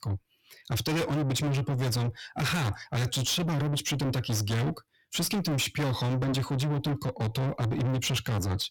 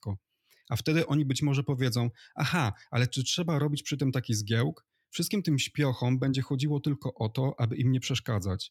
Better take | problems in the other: second | distortion; heavy; 6 dB below the speech

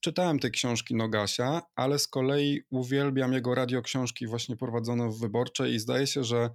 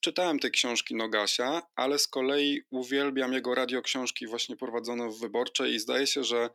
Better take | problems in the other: first | thin; very slightly; fading below 300 Hz

